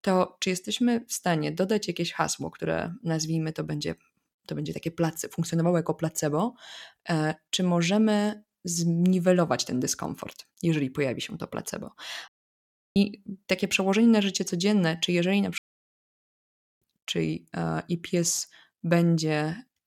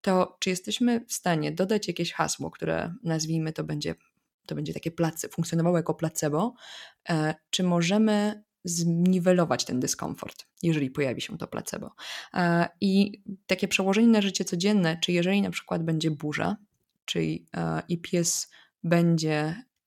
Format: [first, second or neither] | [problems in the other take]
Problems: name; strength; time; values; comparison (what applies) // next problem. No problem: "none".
second | audio cutting out; at 12 s for 0.5 s and at 16 s for 1 s